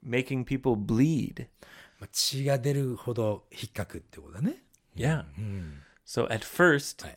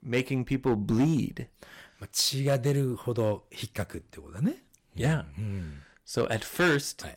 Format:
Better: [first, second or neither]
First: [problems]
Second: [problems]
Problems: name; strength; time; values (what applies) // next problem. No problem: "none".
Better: first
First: none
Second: distortion; slight; 3% of the sound clipped